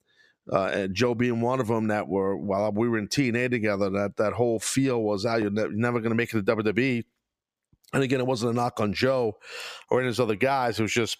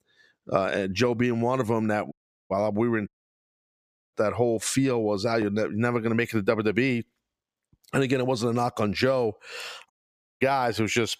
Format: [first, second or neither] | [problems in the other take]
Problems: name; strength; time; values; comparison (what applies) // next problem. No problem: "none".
first | audio cutting out; at 2 s, at 3 s for 1 s and at 10 s for 0.5 s